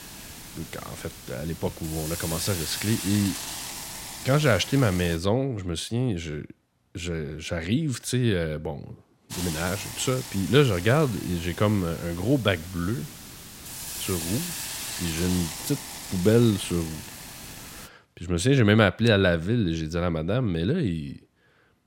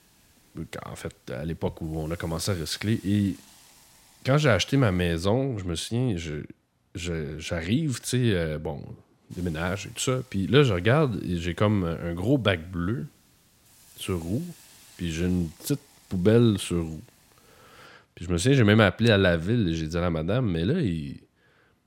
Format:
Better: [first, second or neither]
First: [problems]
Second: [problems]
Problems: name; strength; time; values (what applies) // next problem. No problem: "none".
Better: second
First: hiss; loud; until 5 s and from 9.5 to 18 s; 9 dB below the speech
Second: hiss; faint; until 5 s and from 9.5 to 18 s; 30 dB below the speech